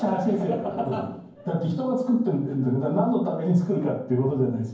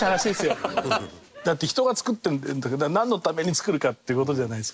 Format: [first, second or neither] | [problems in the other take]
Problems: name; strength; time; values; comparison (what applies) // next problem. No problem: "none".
second | room echo; dies away in 0.9 s